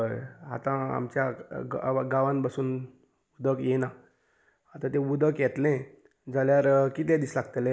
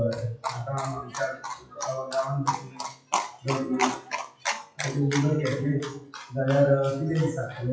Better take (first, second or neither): first